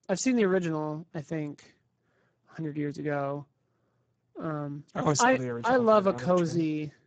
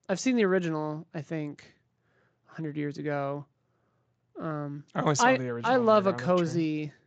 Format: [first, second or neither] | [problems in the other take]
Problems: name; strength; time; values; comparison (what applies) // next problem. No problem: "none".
second | garbled, watery; badly; nothing above 7.5 kHz; slightly in the second